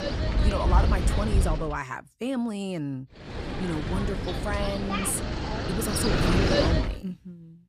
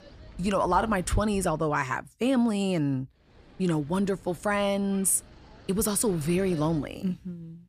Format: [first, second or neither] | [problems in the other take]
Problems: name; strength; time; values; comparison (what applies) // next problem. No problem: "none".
second | wind noise on the microphone; heavy; until 1.5 s and from 3.5 to 7 s; 2 dB above the speech; occasional gusts in the second